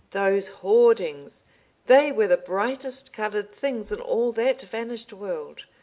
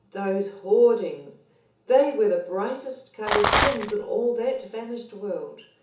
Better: first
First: none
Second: background sound (Rattle); 2 dB above the speech // room echo; dies away in 0.8 s

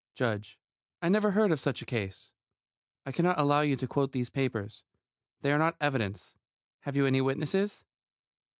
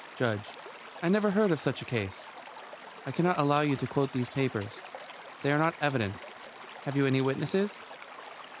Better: first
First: none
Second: background sound (Stream / Liquid); 15 dB below the speech

